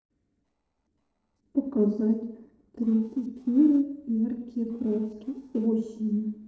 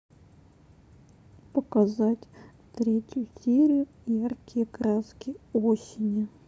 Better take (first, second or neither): second